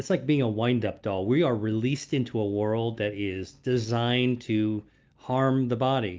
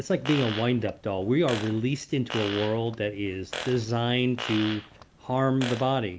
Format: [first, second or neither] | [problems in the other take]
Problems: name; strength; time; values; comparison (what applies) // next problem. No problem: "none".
first | background sound (Fart); 12 dB below the speech